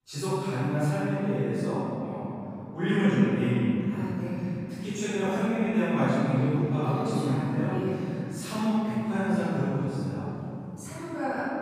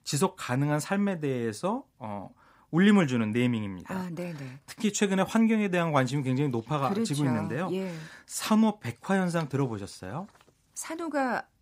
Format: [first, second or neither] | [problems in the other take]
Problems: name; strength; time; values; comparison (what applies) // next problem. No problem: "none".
second | off-mic speech; far // room echo; strong; dies away in 3 s